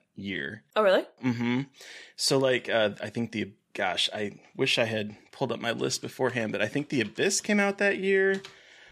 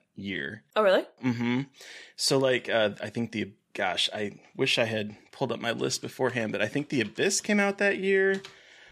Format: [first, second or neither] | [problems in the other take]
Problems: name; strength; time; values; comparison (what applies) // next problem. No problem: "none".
neither | none